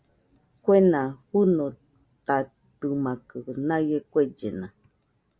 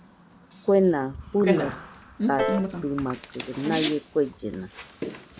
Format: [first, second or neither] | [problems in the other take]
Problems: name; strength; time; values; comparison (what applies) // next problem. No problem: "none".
first | background sound (Piano + Bicycle); 5 dB below the speech